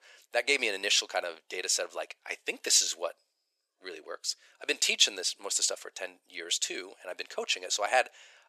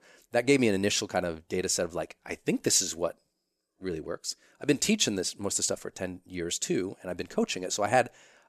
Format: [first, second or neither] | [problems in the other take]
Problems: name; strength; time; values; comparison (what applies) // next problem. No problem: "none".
second | thin; very; fading below 500 Hz